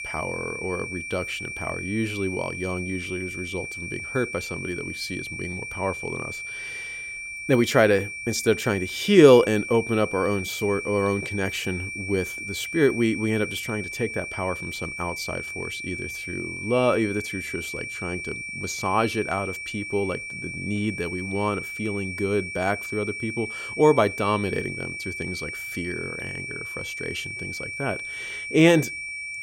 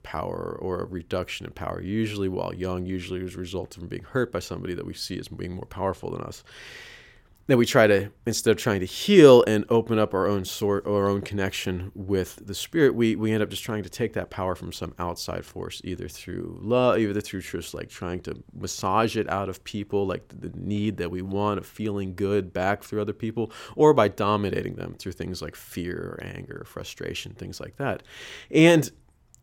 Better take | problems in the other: second | high-pitched whine; loud; throughout; 2.5 kHz, 6 dB below the speech

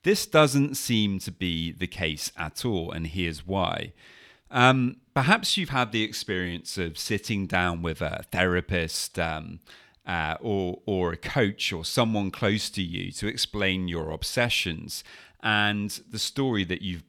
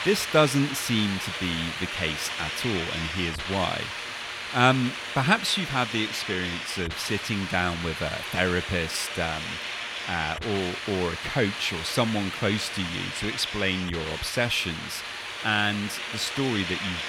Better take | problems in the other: first | hiss; loud; throughout; 4 dB below the speech

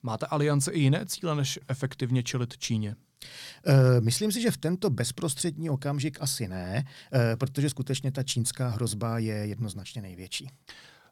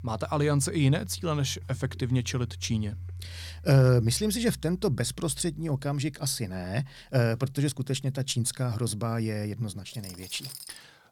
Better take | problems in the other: first | household noises; noticeable; throughout; 15 dB below the speech

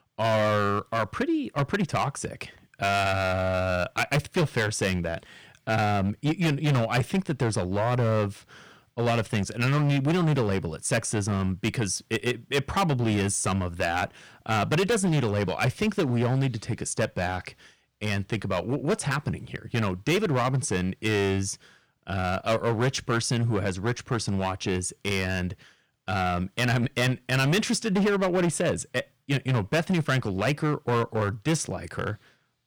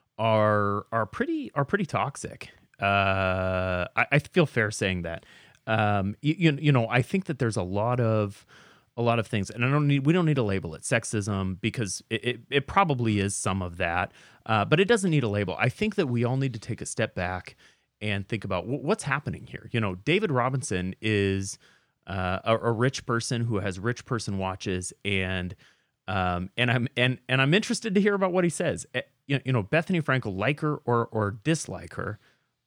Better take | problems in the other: second | distortion; heavy; 11% of the sound clipped

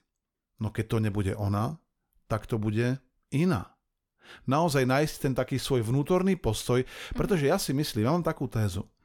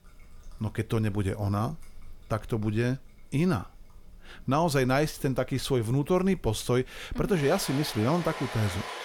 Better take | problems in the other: first | rain or running water; noticeable; throughout; 15 dB below the speech

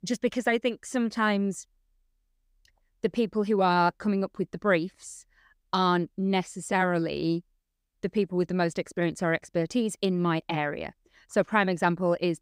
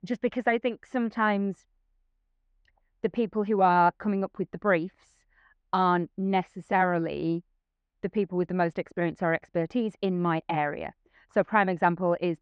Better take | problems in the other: first | muffled; very; fading above 2 kHz

